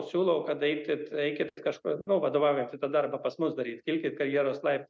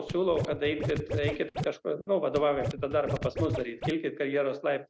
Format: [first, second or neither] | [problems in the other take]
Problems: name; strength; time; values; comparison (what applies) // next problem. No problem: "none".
first | background sound (Scratching (performance technique)); 5 dB below the speech